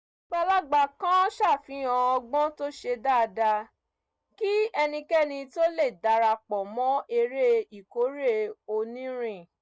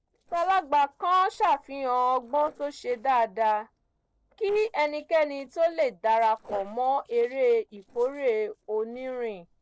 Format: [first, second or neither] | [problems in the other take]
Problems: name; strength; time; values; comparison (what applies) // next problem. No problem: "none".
first | noise reduction (neural separator model SepFormer DNS4)